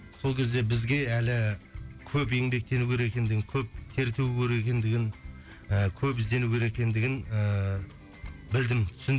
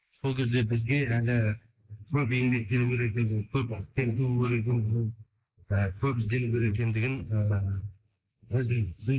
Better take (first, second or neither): first